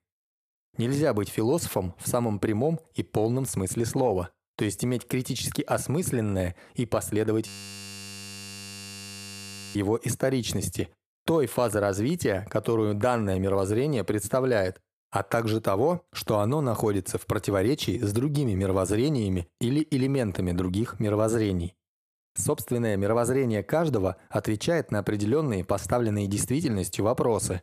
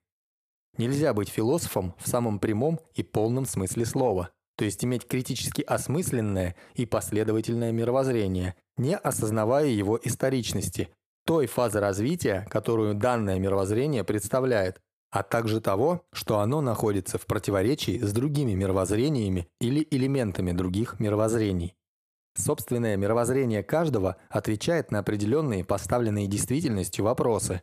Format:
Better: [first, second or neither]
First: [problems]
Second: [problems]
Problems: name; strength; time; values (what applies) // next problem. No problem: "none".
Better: second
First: audio freezing; at 7.5 s for 2.5 s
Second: none